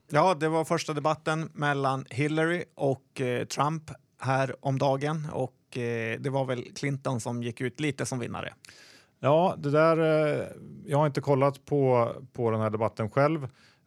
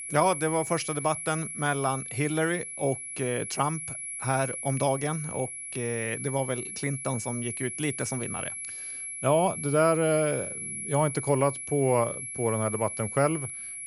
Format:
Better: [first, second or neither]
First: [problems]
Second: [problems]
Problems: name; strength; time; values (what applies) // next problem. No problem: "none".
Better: first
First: none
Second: high-pitched whine; loud; throughout; 11 kHz, 6 dB below the speech